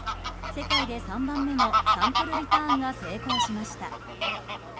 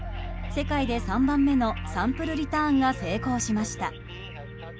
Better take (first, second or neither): second